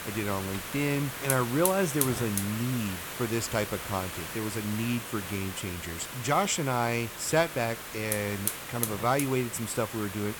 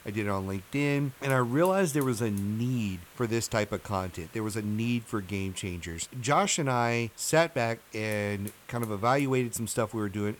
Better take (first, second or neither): second